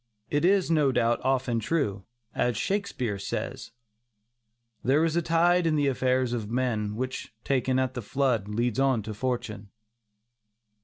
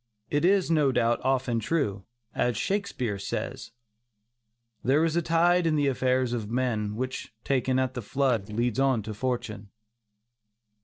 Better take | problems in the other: first | noise reduction (neural separator model SepFormer DNS4)

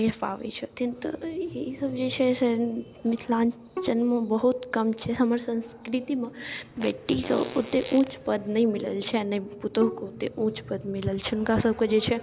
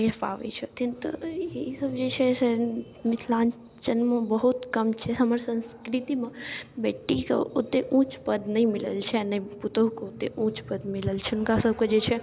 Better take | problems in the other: second | background sound (Bowed string instrument + Fart); 16 dB below the speech

